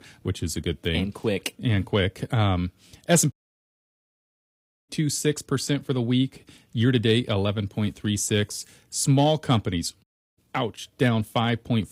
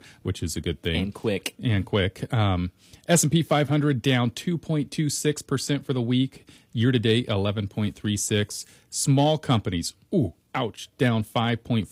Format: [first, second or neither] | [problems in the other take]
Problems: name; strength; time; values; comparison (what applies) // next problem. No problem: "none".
second | audio cutting out; at 3.5 s for 1.5 s and at 10 s